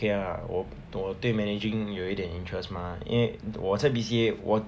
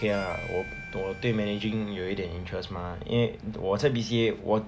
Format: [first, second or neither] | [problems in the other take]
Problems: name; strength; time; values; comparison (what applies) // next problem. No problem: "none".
first | background sound (Harmonica); 18 dB below the speech